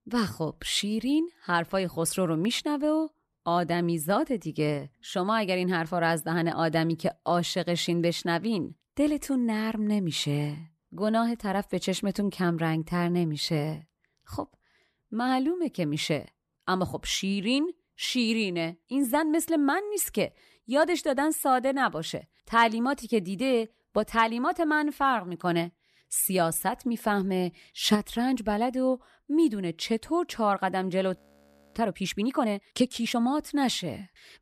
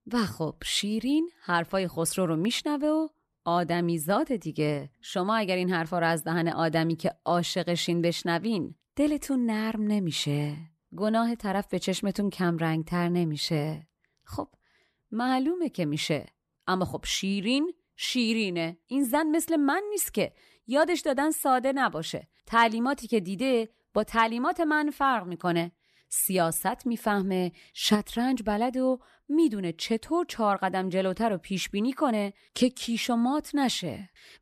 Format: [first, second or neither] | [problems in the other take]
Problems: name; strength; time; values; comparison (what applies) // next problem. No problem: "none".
second | audio freezing; at 31 s for 0.5 s